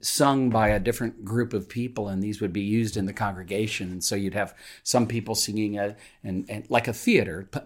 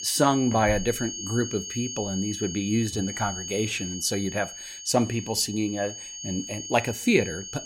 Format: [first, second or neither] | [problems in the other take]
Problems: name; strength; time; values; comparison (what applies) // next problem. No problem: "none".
first | high-pitched whine; loud; throughout; 6.5 kHz, 8 dB below the speech